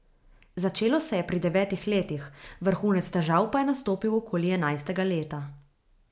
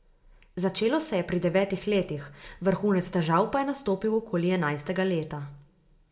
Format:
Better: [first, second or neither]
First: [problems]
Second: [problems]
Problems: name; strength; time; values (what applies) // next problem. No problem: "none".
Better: first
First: none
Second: room echo; dies away in 0.4 s